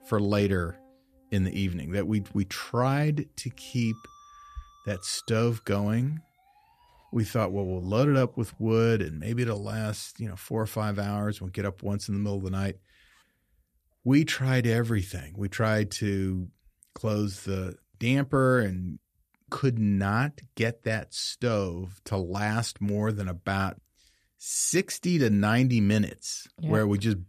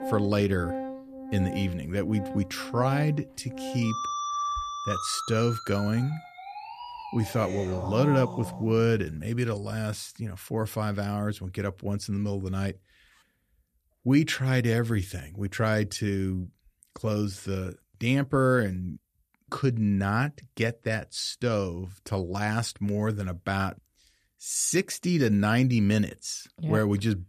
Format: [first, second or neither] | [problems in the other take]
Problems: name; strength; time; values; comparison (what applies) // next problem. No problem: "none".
first | background music; loud; until 9 s; 8 dB below the speech; faint in the first